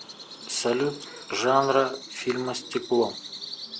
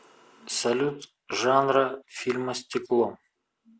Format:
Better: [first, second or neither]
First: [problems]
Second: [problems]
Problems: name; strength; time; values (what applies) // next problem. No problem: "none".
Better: second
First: background sound (Bird vocalization, bird call, bird song); 14 dB below the speech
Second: none